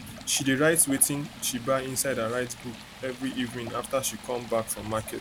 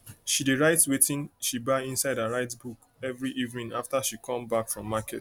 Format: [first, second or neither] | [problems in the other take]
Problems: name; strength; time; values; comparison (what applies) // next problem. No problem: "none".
second | background sound (Stream); 15 dB below the speech